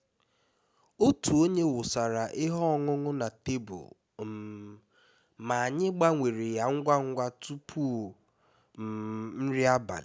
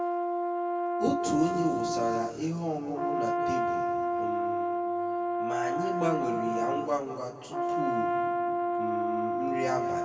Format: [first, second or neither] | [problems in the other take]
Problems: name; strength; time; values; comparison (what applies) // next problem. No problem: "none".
first | background sound (Brass instrument); 4 dB above the speech // room echo; dies away in 2.3 s